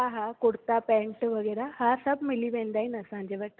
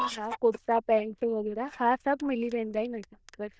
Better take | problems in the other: first | noise reduction (neural diffusion model UNIVERSE++)

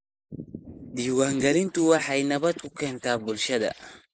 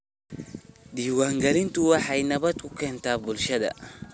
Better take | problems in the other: second | noise reduction (neural mask model Resemble Enhance denoiser)

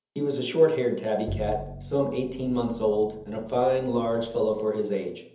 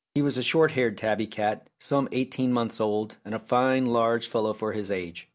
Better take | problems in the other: second | background sound (Bowed string instrument); 14 dB below the speech // room echo; dies away in 0.7 s

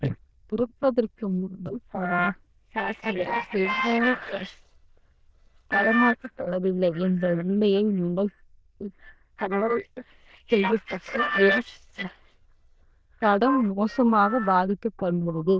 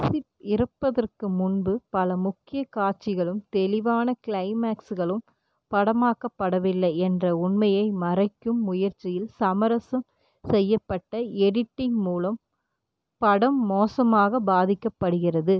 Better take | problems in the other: second | noise reduction (neural diffusion model UNIVERSE++)

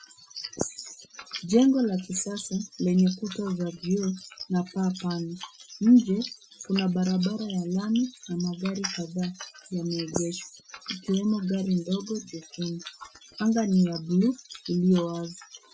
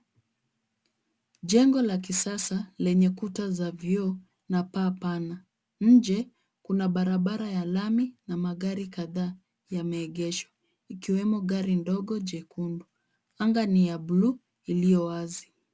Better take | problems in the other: second | noise reduction (classical method Wiener filter)

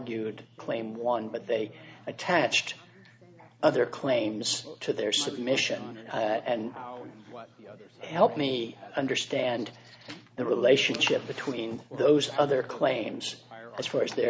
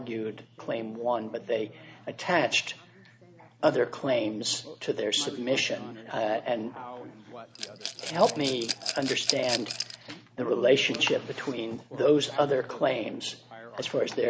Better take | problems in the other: first | background sound (Rattle / Glass); 6 dB below the speech

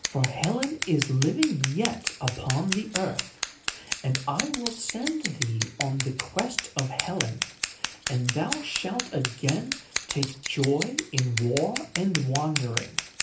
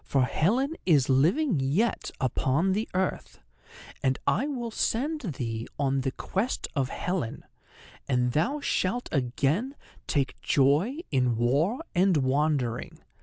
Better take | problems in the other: second | background sound (Scissors); 4 dB below the speech // room echo; dies away in 0.3 s

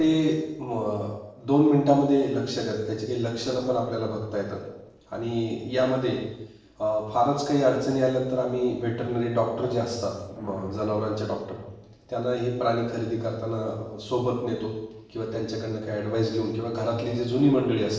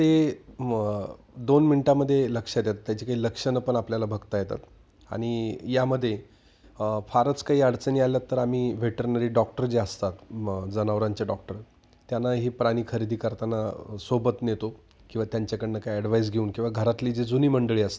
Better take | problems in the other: second | noise reduction (neural separator model SepFormer DNS4)

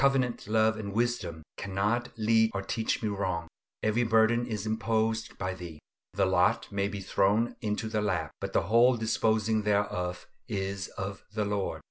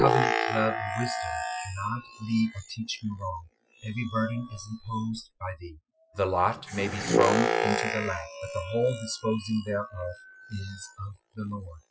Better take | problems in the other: first | noise reduction (classical method Wiener filter)

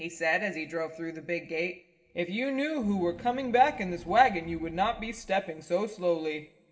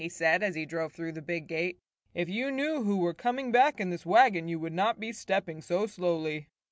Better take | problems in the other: second | background sound (Engine / Car); 18 dB below the speech // room echo; dies away in 0.7 s

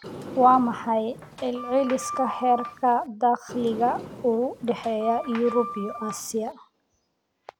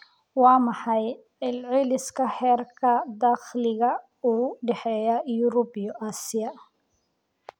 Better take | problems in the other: second | background sound (Sliding door); 12 dB below the speech

